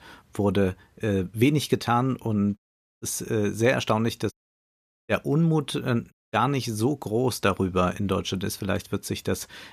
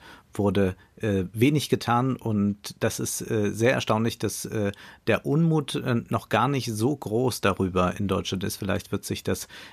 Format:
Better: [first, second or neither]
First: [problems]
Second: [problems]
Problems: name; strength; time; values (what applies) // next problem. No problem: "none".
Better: second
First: audio cutting out; at 2.5 s, at 4.5 s for 1 s and at 6 s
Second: none